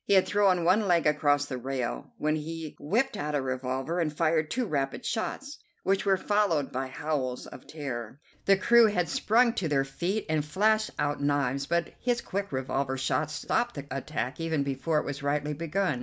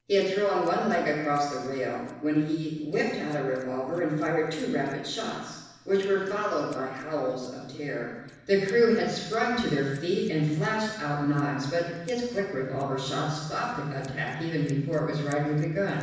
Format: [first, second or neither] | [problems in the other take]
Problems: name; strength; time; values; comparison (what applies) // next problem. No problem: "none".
first | noise reduction (neural separator model SepFormer DNS4)